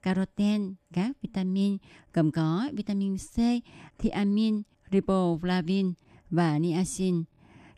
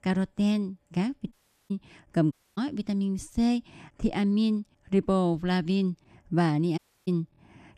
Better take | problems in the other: first | audio cutting out; at 1.5 s, at 2.5 s and at 7 s

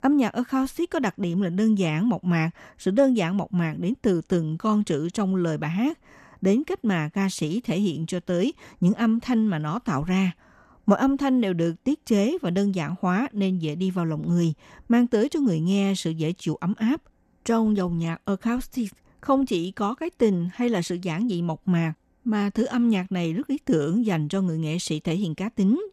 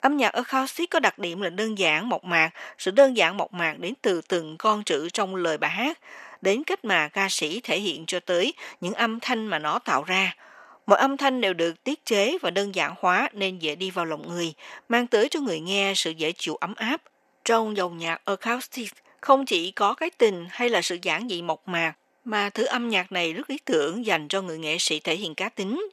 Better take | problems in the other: first | thin; very; fading below 550 Hz

